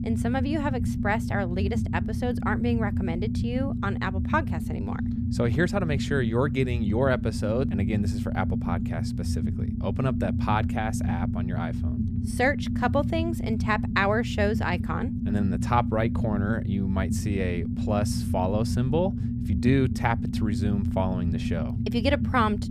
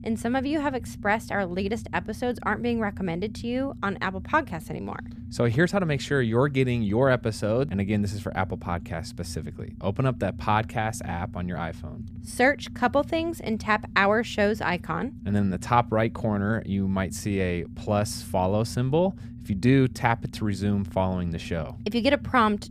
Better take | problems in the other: second | low rumble; loud; throughout; 8 dB below the speech; faint in the second

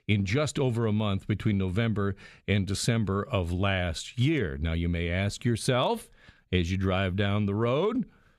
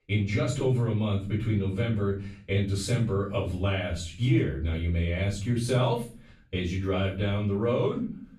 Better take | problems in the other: first | off-mic speech; far // room echo; noticeable; dies away in 0.4 s

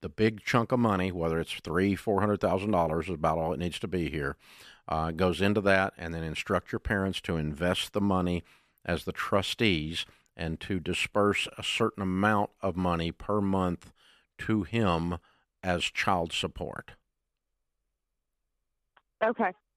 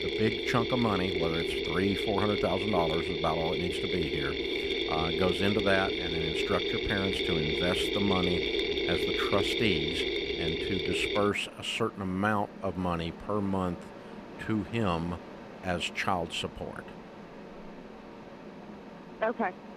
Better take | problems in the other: first | machinery noise; very loud; throughout; 1 dB above the speech

